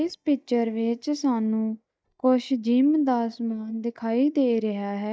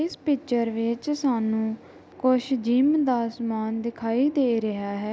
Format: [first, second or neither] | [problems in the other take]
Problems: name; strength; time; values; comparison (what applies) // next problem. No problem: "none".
second | noise reduction (neural mask model DeepFilterNet 3)